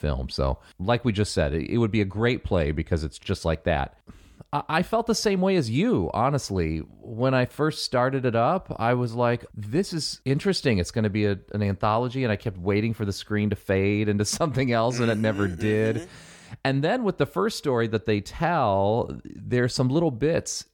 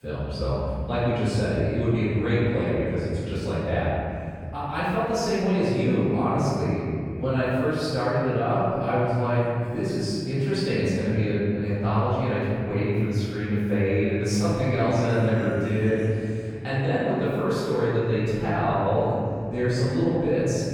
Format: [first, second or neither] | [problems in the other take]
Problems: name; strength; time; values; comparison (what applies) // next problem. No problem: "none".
first | room echo; strong; dies away in 2.7 s // off-mic speech; far